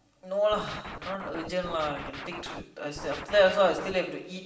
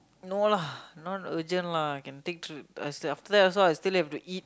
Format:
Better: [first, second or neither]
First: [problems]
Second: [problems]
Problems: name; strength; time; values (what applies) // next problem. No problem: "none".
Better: second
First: background sound (Scratching (performance technique)); 11 dB below the speech // room echo; dies away in 1 s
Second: none